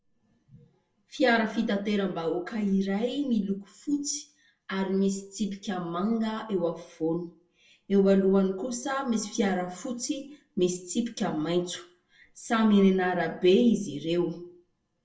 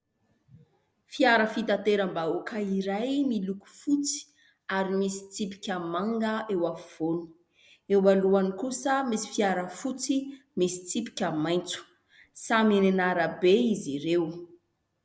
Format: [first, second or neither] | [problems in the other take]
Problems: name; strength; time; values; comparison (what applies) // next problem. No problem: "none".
second | room echo; dies away in 0.2 s